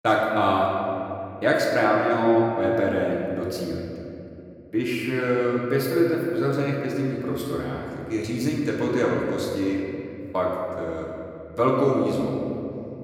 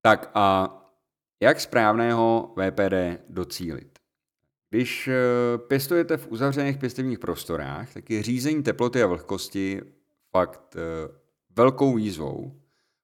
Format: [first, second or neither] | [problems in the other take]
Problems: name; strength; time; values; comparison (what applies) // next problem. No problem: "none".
second | room echo; noticeable; dies away in 2.7 s // off-mic speech; far